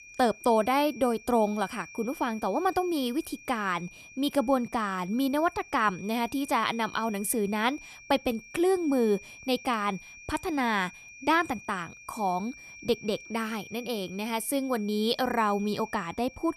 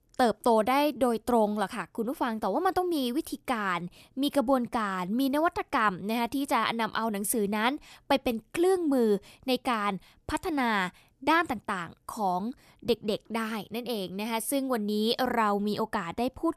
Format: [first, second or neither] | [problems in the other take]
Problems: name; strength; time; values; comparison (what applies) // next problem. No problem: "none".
second | high-pitched whine; noticeable; throughout; 2.5 kHz, 20 dB below the speech